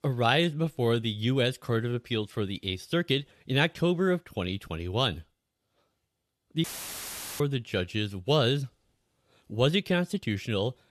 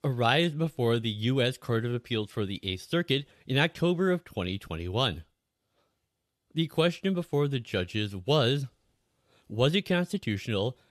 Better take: second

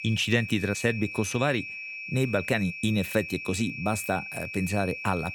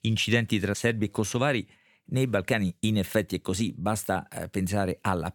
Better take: second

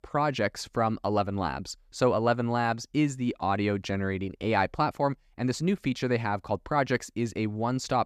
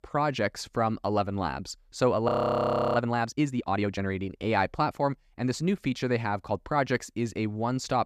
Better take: first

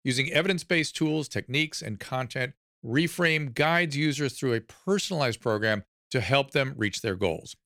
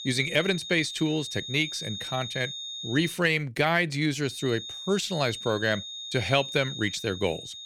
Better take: first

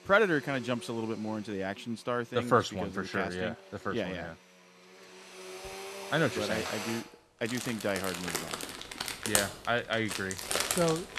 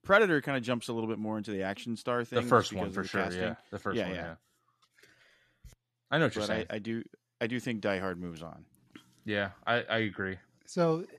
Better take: second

